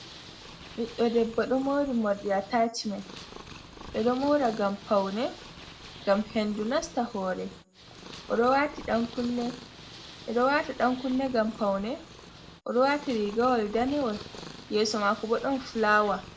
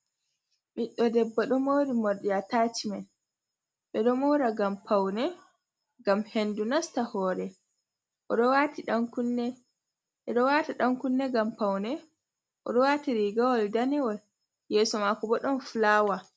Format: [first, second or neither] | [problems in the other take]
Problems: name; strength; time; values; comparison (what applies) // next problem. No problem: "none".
second | background sound (Purr); 17 dB below the speech // room echo; dies away in 0.2 s